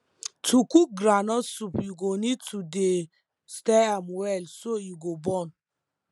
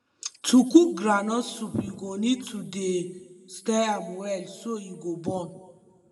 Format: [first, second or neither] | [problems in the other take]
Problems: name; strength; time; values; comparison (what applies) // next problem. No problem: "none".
first | room echo; dies away in 1.5 s